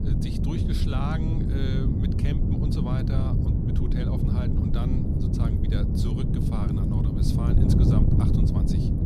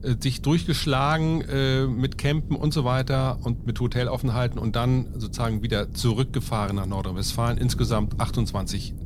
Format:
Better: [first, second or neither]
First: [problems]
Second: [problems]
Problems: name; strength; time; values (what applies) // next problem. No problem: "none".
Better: second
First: wind noise on the microphone; heavy; 5 dB above the speech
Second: wind noise on the microphone; occasional gusts; 20 dB below the speech